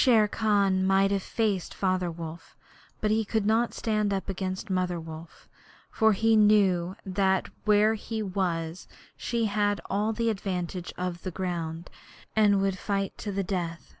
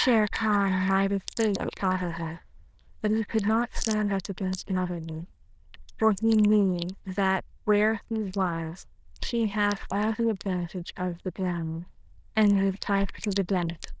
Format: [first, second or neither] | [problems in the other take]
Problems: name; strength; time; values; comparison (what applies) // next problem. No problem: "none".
first | noise reduction (neural diffusion model UNIVERSE++)